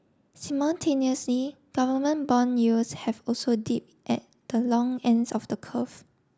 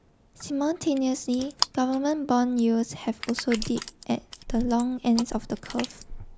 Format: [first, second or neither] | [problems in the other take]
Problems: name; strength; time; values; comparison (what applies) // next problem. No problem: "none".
first | noise reduction (neural mask model Resemble Enhance denoiser)